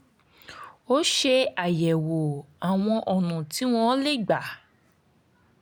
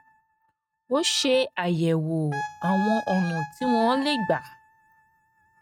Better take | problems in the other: first | noise reduction (neural mask model RNNoise)

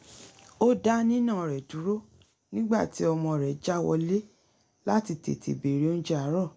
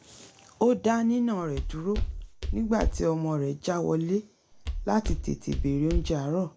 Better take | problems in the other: first | background sound (Walk, footsteps); 3 dB below the speech

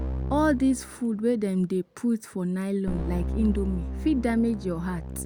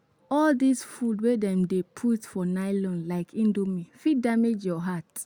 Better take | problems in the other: second | background sound (Keyboard (musical)); 7 dB below the speech

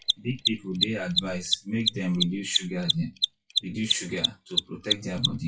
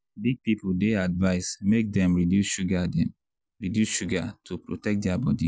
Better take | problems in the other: second | noise reduction (classical method WPE with log-MMSE)

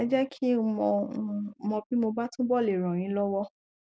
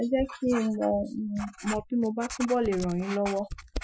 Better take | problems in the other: first | noise reduction (classical method Wiener filter)

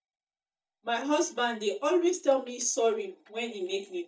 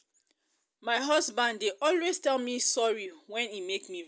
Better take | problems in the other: second | noise reduction (neural mask model DeepFilterNet 3)

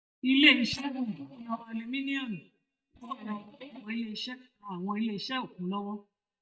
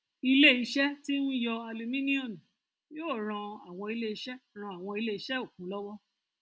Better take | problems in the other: second | noise reduction (neural mask model DeepFilterNet 3)

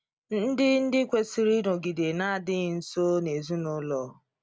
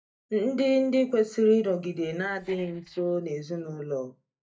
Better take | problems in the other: first | noise reduction (neural mask model DeepFilterNet 3)

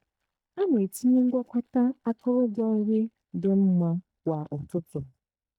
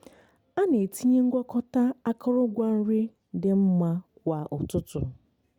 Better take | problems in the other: second | noise reduction (neural mask model DeepFilterNet 3)

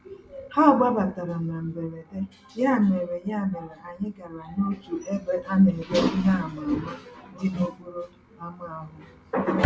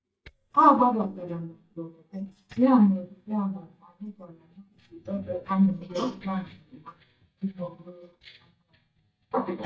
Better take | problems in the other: first | noise reduction (neural mask model DeepFilterNet 3)

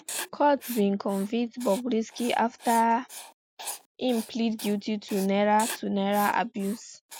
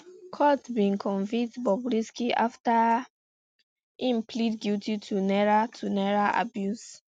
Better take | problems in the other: second | noise reduction (neural mask model Resemble Enhance denoiser)

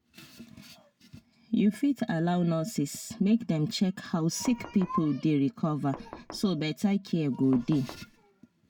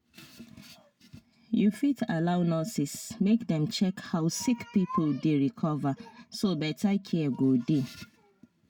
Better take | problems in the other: second | background sound (Knock); 18 dB below the speech

